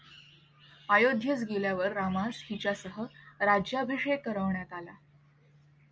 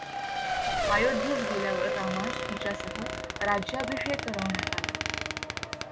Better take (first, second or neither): first